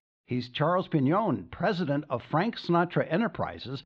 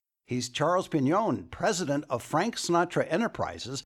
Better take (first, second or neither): second